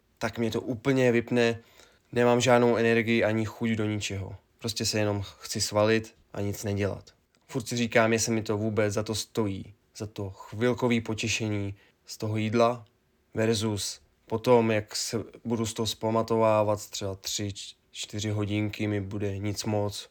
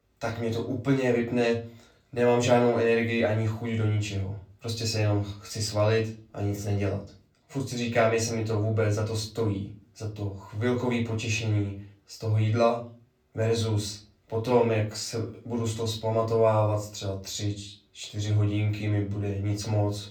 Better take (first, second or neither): first